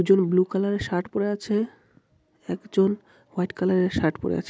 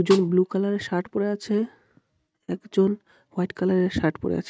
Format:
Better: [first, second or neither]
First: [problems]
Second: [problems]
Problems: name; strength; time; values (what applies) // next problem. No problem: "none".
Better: first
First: none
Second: noise reduction (neural mask model RNNoise)